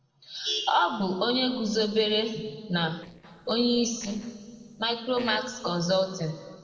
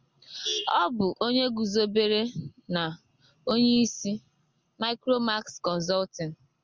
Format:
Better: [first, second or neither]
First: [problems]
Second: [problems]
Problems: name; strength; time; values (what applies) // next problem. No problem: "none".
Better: second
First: noise reduction (neural separator model SepFormer DNS4)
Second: none